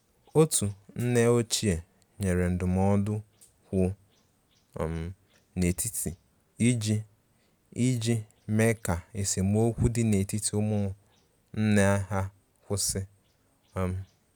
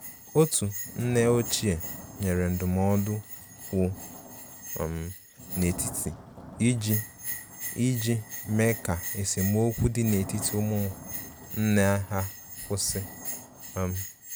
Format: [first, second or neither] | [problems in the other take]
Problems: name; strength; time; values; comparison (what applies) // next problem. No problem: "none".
first | background sound (Thunder / Rain + Bell); 11 dB below the speech